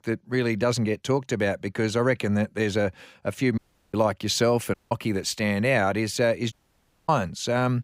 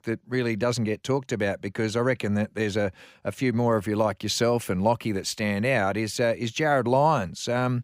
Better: second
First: audio cutting out; at 3.5 s, at 4.5 s and at 6.5 s for 0.5 s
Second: none

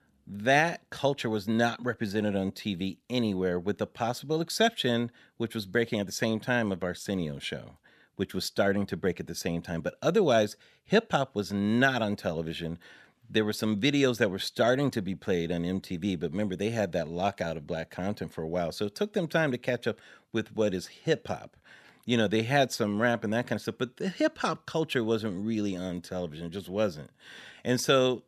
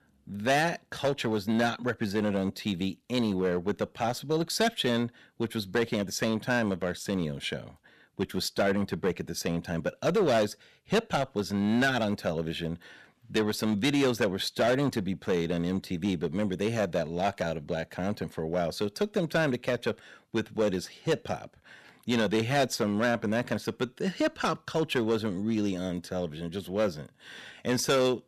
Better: first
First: none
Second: distortion; slight; 5% of the sound clipped

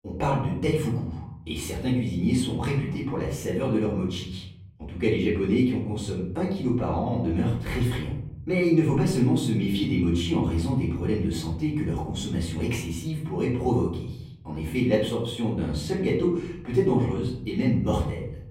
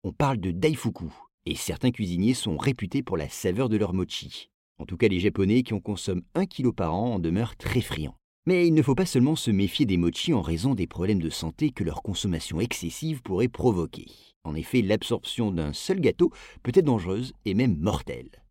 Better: second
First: room echo; noticeable; dies away in 0.9 s // off-mic speech; far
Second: none

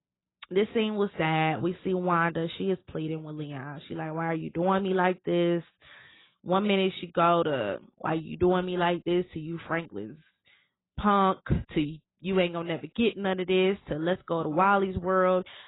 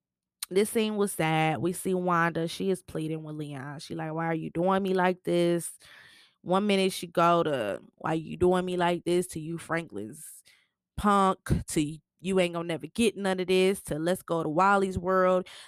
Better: second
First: garbled, watery; badly; nothing above 4 kHz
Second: none

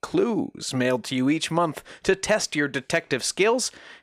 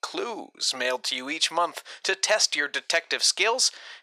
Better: first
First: none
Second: thin; very; fading below 700 Hz

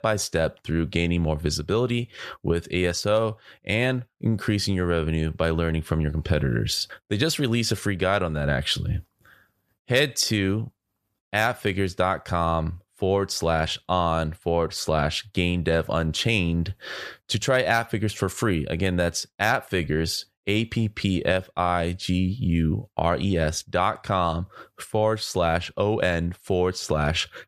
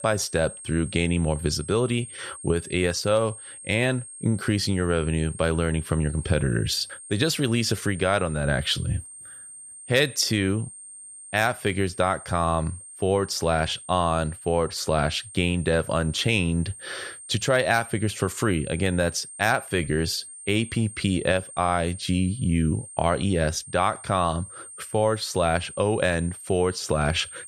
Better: first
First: none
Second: high-pitched whine; noticeable; throughout; 8.5 kHz, 15 dB below the speech

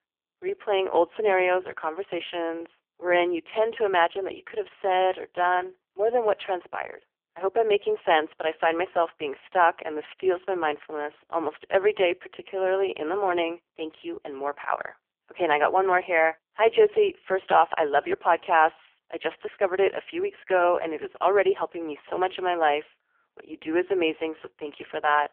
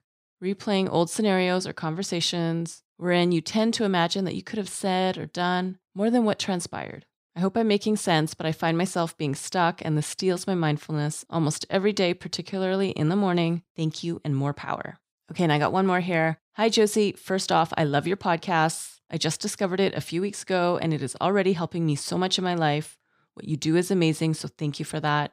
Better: second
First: phone-call audio; poor line; nothing above 3.5 kHz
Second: none

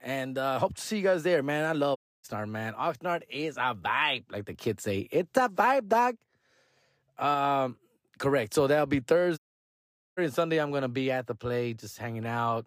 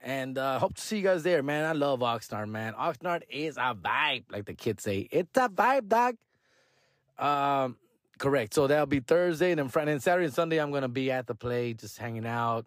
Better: second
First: audio cutting out; at 2 s and at 9.5 s for 1 s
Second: none

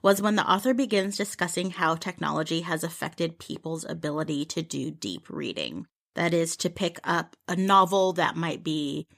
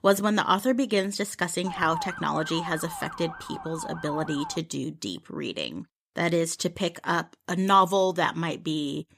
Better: first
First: none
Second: siren; noticeable; from 1.5 to 4.5 s; peak 7 dB below the speech

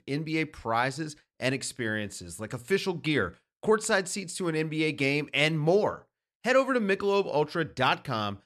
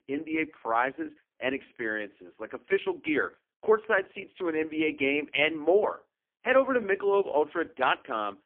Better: first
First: none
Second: phone-call audio; poor line; nothing above 3 kHz

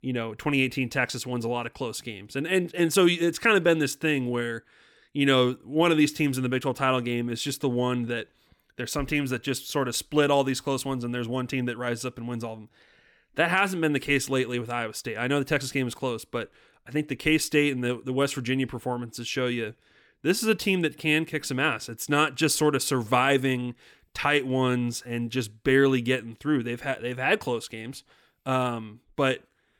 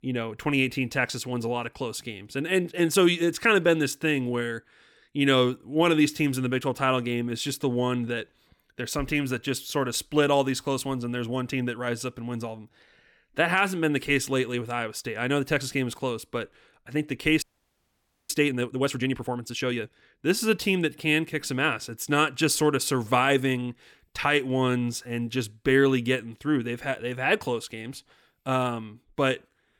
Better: first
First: none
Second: audio freezing; at 17 s for 1 s

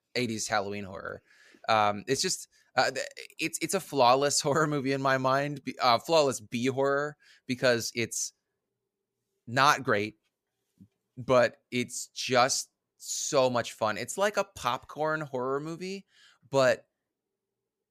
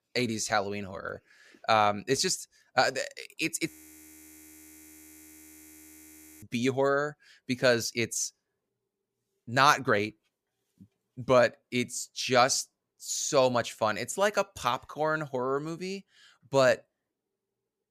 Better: first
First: none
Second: audio freezing; at 3.5 s for 2.5 s

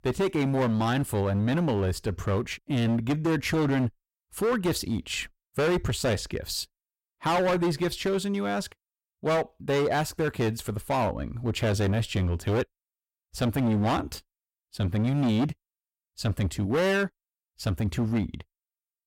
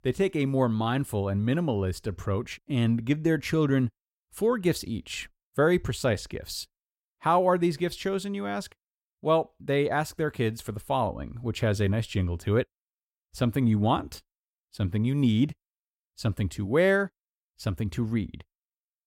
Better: second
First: distortion; heavy; 15% of the sound clipped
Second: none

